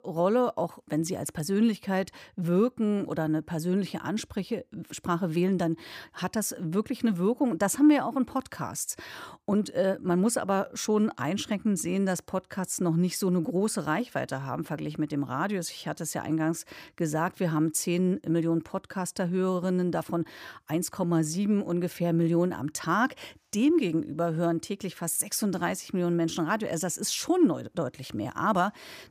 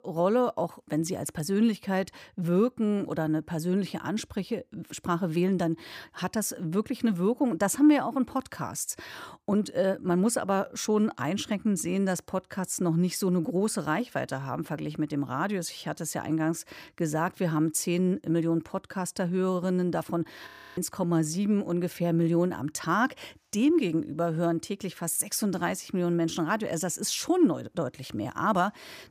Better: first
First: none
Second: audio freezing; at 20 s

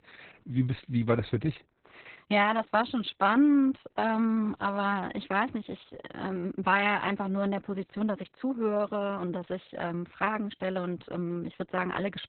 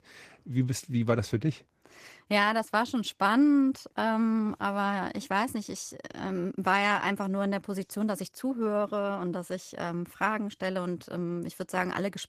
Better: second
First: garbled, watery; badly; nothing above 4 kHz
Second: garbled, watery; slightly; nothing above 14.5 kHz

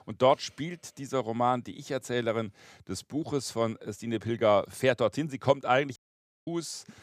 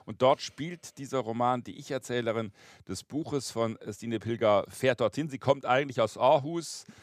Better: second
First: audio cutting out; at 6 s for 0.5 s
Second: none

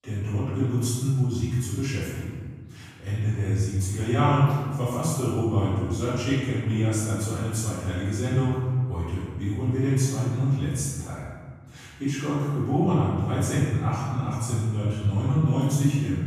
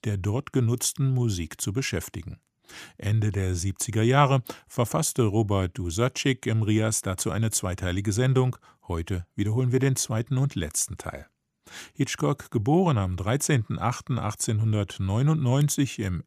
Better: second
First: off-mic speech; far // room echo; strong; dies away in 1.5 s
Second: none

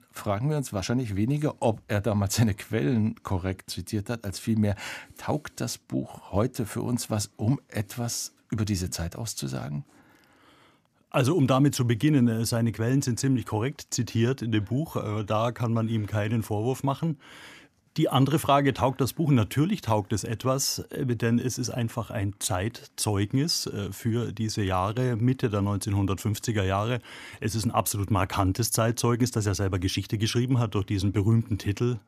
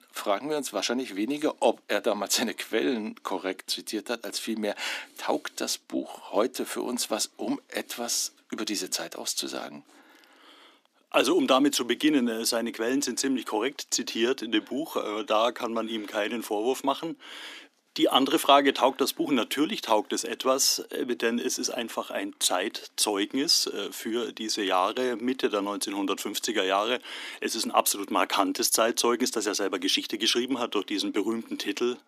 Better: first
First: none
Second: thin; somewhat; fading below 300 Hz

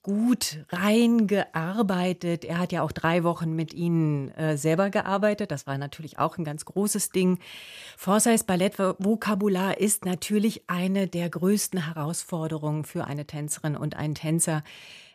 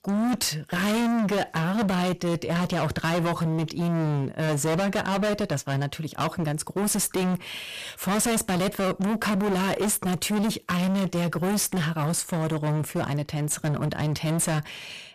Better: first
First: none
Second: distortion; heavy; 33% of the sound clipped

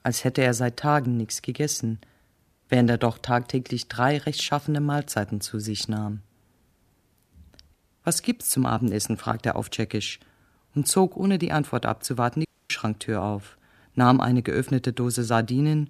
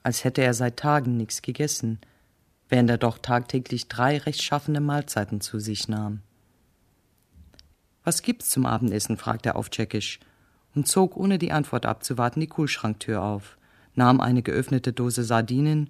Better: second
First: audio cutting out; at 12 s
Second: none

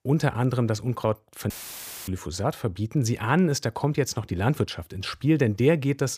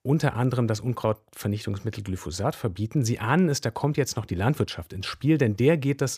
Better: second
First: audio cutting out; filled with static; at 1.5 s for 0.5 s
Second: none

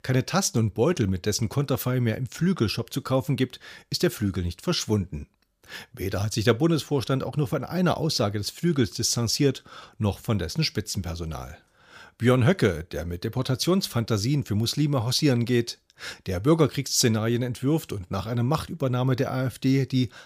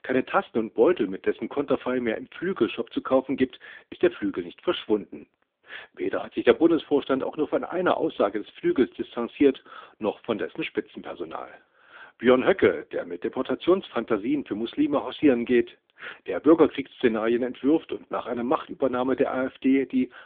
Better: first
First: none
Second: phone-call audio; poor line; nothing above 3.5 kHz

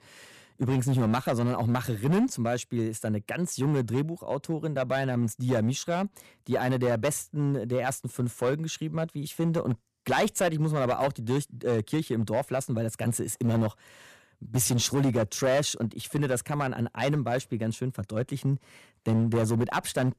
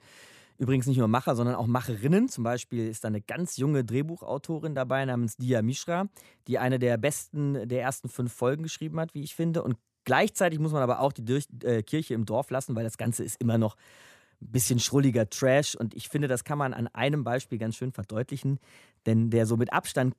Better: second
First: distortion; slight; 6% of the sound clipped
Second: none

